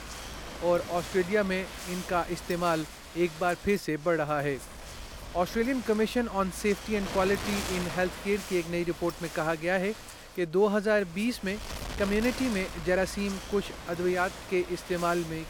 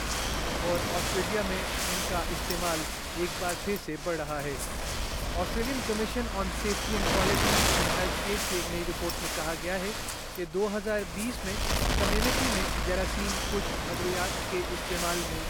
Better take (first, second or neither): first